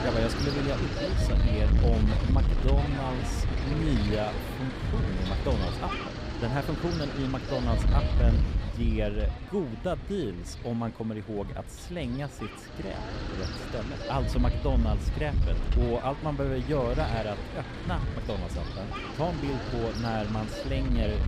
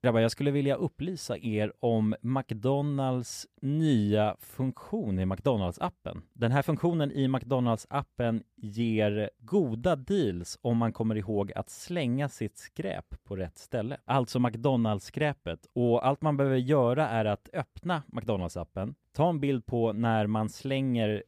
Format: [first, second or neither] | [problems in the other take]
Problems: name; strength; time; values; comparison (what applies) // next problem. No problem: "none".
second | wind noise on the microphone; heavy; 2 dB below the speech